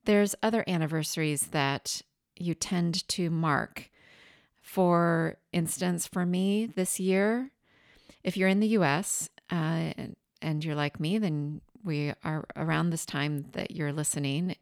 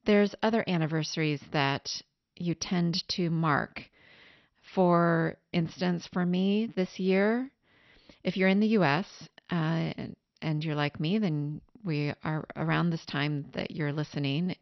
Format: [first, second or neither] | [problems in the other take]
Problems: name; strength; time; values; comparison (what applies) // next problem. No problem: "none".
first | garbled, watery; slightly; nothing above 6 kHz